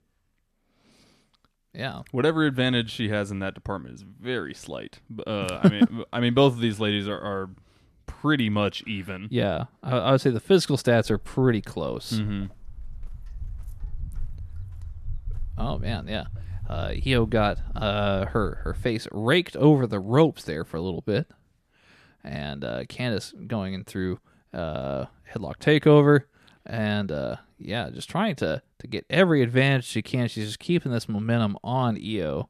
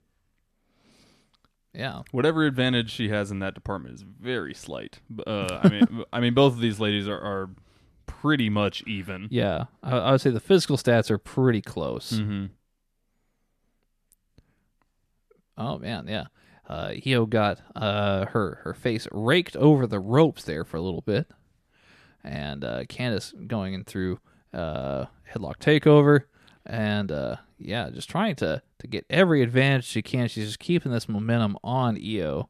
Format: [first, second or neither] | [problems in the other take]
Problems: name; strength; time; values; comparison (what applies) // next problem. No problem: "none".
second | footsteps; noticeable; from 11 to 19 s; peak 9 dB below the speech